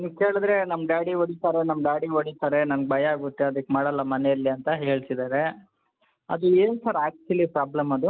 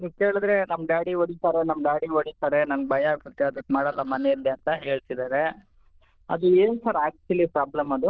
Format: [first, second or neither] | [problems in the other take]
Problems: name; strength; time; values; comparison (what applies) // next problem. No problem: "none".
first | noise reduction (neural diffusion model UNIVERSE++)